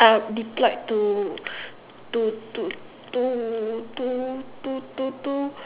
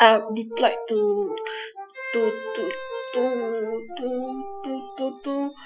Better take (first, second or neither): first